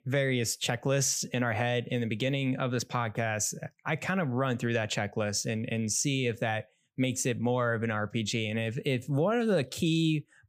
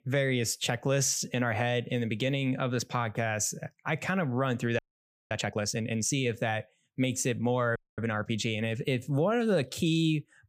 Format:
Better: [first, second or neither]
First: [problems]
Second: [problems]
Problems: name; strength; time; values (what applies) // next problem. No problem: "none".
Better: first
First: none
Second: audio freezing; at 5 s for 0.5 s and at 8 s